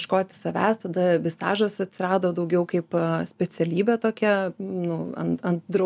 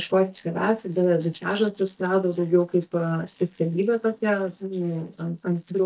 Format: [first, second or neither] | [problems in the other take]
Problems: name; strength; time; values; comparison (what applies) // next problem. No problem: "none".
first | noise reduction (neural mask model DeepFilterNet 3)